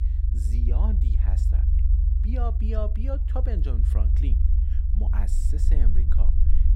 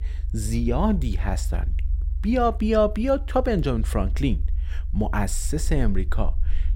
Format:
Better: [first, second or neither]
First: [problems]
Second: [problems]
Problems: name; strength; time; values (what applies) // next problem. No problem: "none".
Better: second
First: low rumble; loud; throughout; 4 dB below the speech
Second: low rumble; faint; throughout; 25 dB below the speech